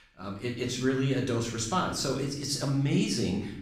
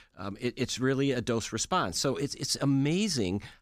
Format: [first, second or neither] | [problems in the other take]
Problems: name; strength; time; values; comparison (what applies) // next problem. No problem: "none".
second | room echo; noticeable; dies away in 0.6 s // off-mic speech; far